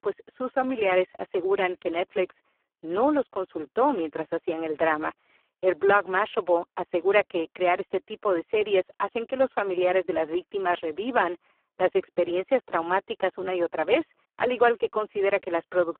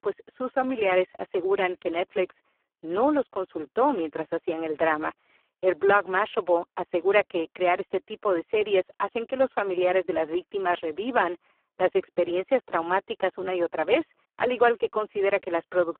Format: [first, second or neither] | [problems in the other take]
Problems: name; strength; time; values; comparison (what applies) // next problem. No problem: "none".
neither | phone-call audio; poor line; the same in both